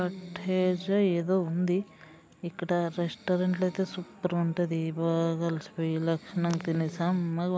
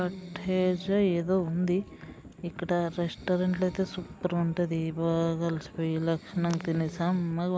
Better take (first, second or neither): first